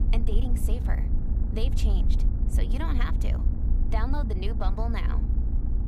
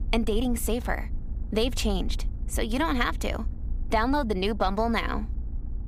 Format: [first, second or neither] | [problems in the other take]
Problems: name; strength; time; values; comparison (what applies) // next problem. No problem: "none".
second | low rumble; loud; throughout; 6 dB below the speech; faint in the second